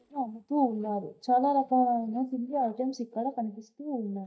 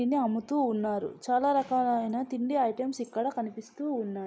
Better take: second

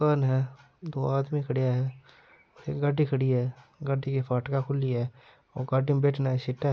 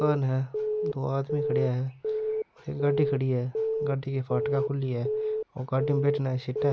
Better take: first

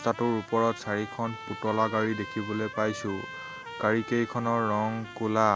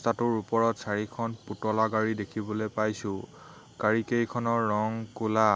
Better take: second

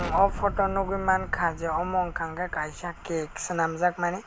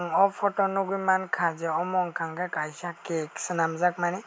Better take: second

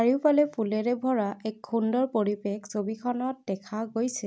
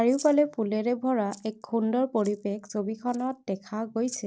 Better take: first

